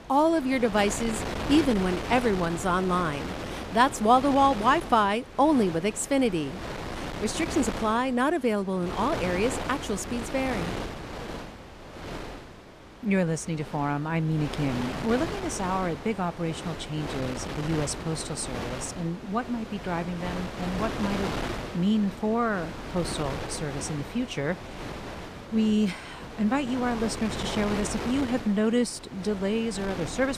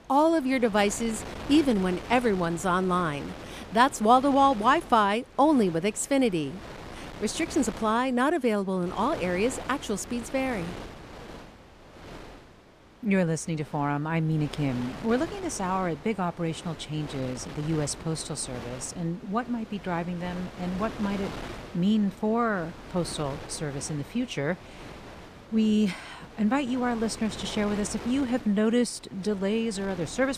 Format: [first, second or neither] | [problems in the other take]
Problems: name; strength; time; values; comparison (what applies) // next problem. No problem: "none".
second | wind noise on the microphone; heavy; 8 dB below the speech; occasional gusts in the second